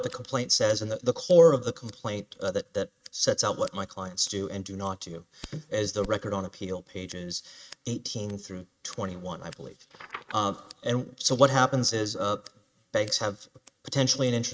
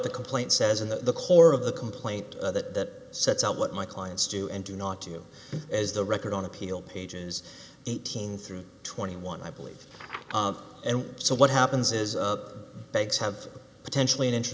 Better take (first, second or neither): second